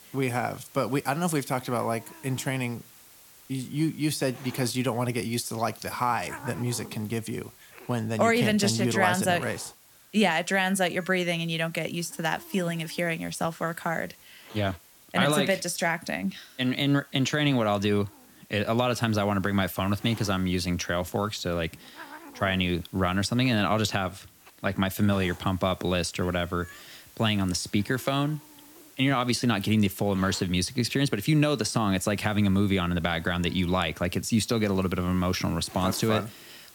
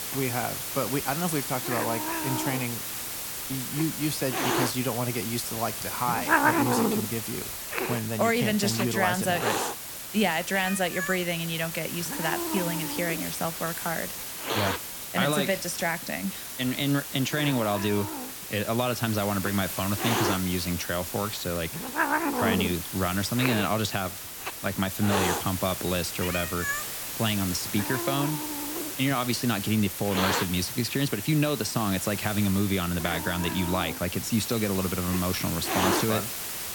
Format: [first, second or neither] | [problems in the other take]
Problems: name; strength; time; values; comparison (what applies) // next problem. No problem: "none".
first | hiss; loud; throughout; 2 dB below the speech; faint in the first